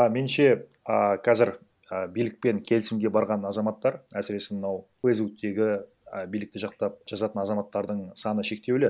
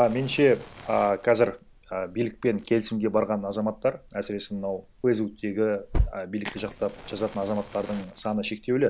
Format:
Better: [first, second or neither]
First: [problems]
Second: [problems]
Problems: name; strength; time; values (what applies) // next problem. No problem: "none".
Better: first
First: none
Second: background sound (Fire); 11 dB below the speech